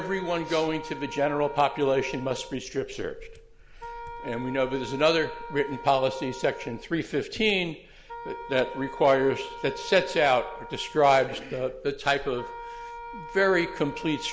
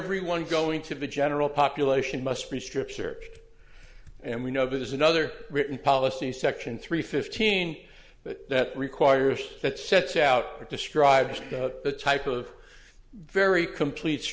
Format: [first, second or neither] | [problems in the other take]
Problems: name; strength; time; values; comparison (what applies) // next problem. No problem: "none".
second | background sound (Wind instrument, woodwind instrument); 14 dB below the speech